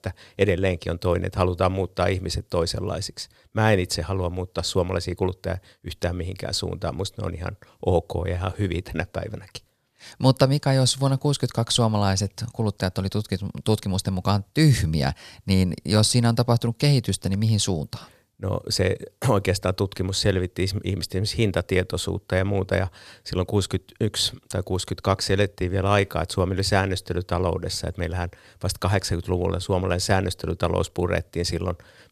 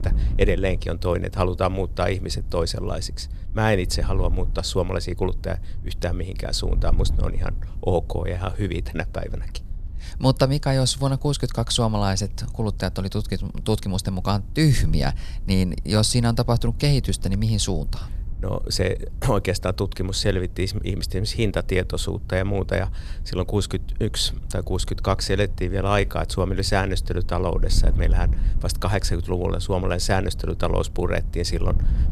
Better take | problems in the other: first | wind noise on the microphone; occasional gusts; 20 dB below the speech

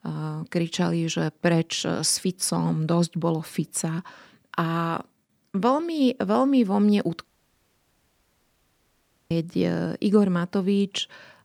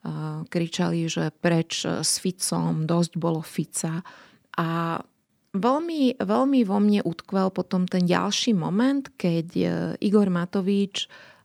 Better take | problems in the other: second | audio cutting out; at 7.5 s for 2 s

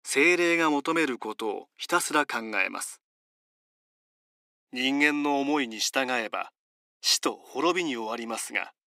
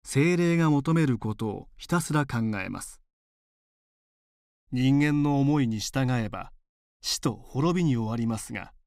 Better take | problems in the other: second | thin; somewhat; fading below 350 Hz

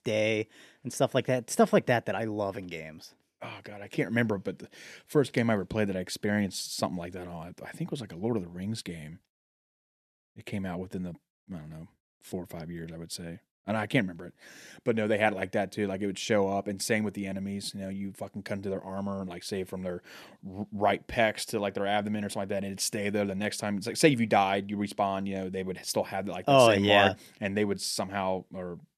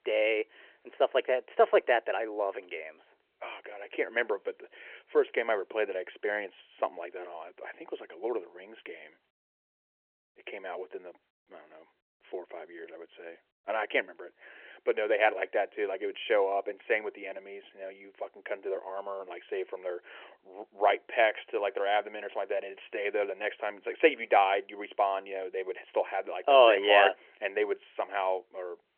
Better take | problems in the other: first | phone-call audio; nothing above 3 kHz

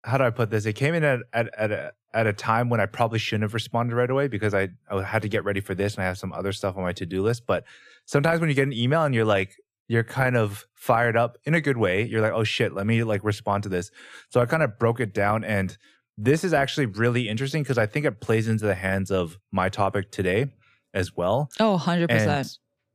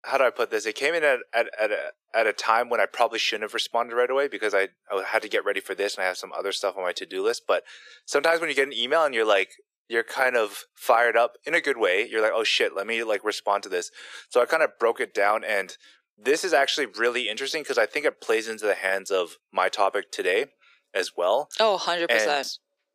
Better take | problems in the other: first | thin; very; fading below 400 Hz

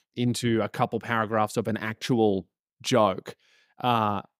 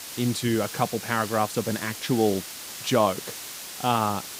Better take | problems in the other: first | hiss; loud; throughout; 9 dB below the speech

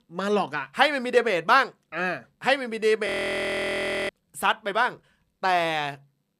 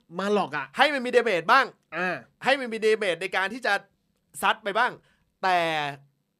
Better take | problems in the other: second | audio freezing; at 3 s for 1 s

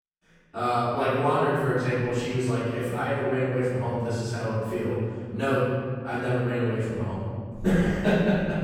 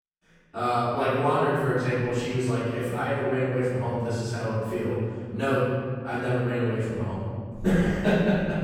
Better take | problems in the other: neither | off-mic speech; far; the same in both // room echo; strong; dies away in 2.4 s; the same in both

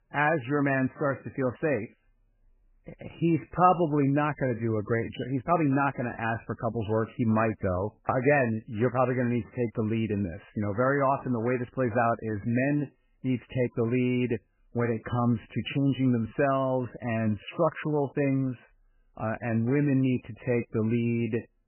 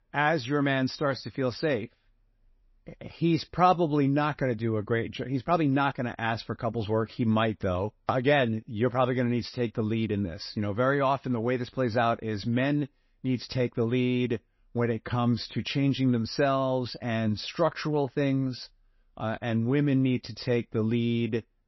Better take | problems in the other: second | garbled, watery; badly; nothing above 3 kHz; slightly in the second

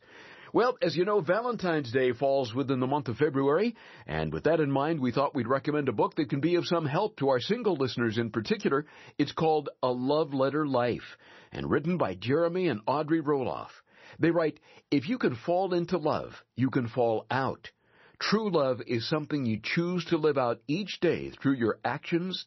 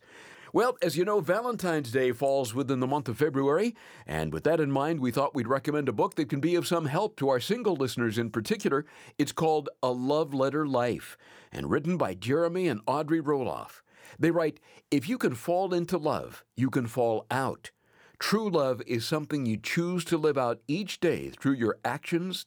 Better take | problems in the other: second | garbled, watery; slightly; nothing above 6 kHz

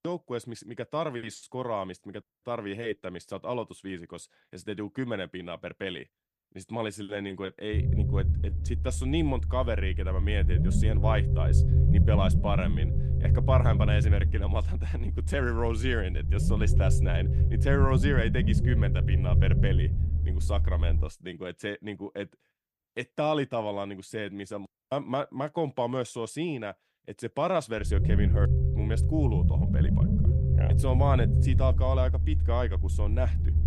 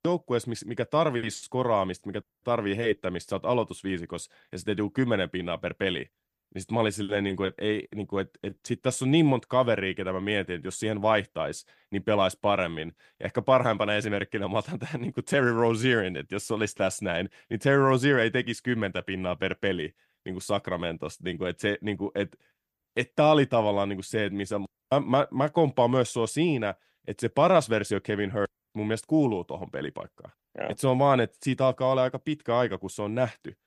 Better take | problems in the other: second | low rumble; loud; from 8 to 21 s and from 28 s on; 6 dB below the speech

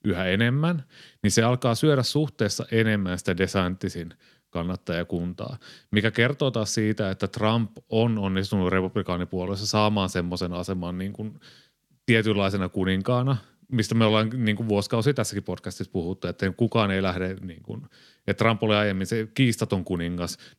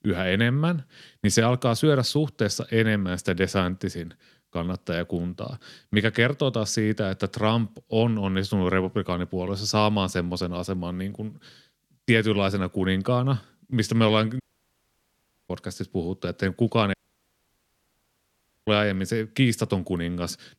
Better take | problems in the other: first | audio cutting out; at 14 s for 1 s and at 17 s for 1.5 s

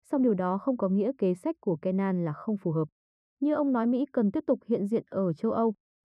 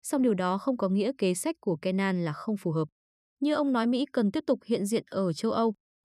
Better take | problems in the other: second | muffled; very; fading above 2 kHz

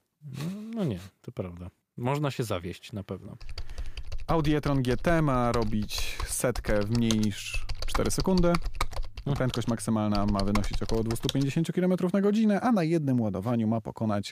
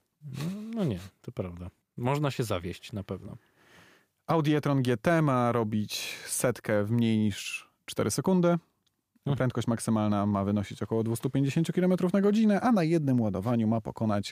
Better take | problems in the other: second | keyboard typing; noticeable; from 3.5 to 11 s; peak 5 dB below the speech

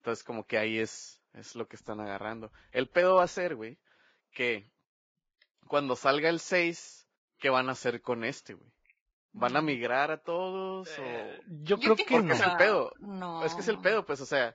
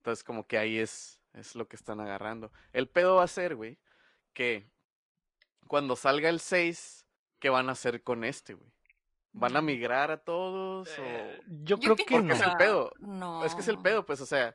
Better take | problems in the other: second | garbled, watery; badly; nothing above 7.5 kHz; slightly in the second

